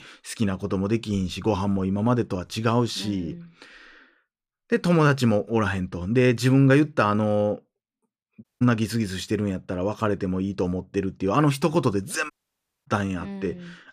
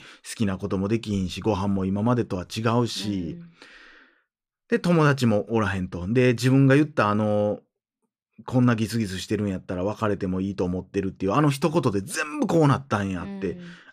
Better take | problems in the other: second | audio cutting out; at 8.5 s and at 12 s for 0.5 s

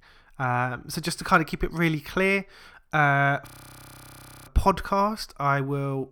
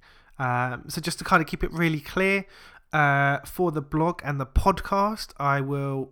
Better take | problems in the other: second | audio freezing; at 3.5 s for 1 s

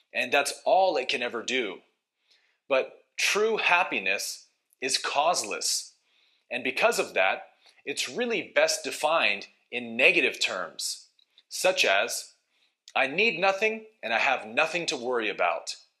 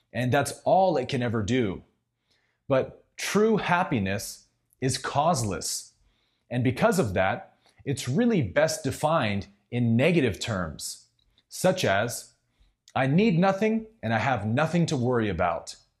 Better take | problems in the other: second | thin; somewhat; fading below 350 Hz

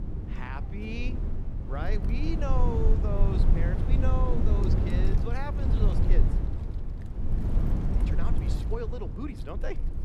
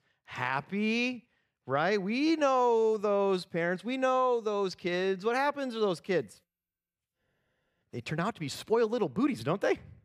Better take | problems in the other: second | wind noise on the microphone; heavy; 3 dB below the speech

